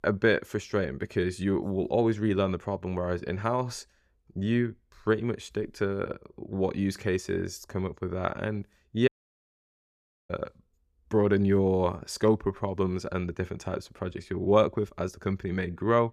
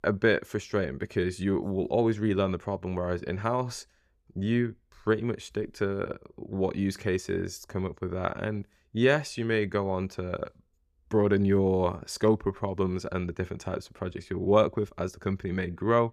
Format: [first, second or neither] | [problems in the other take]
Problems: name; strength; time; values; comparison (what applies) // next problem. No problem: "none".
second | audio cutting out; at 9 s for 1 s